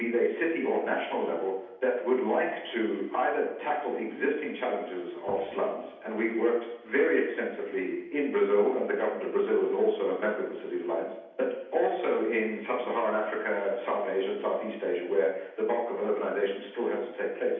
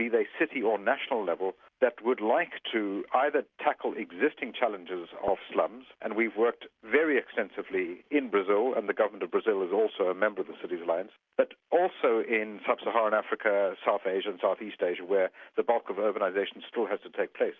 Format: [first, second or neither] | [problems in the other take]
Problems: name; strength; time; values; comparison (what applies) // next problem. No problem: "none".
second | room echo; dies away in 0.8 s